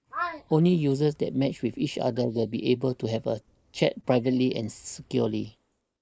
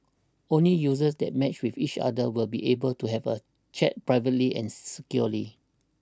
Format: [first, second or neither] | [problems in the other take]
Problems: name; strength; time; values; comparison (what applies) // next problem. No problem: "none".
second | noise reduction (neural mask model Resemble Enhance denoiser)